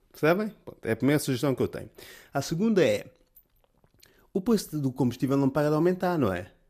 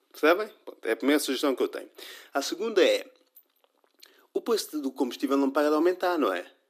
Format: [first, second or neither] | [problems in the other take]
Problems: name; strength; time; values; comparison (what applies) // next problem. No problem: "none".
first | thin; very slightly; fading below 300 Hz